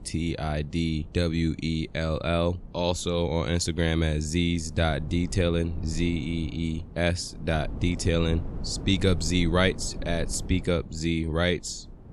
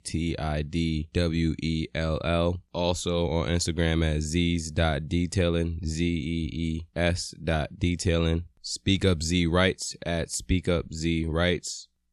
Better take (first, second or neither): second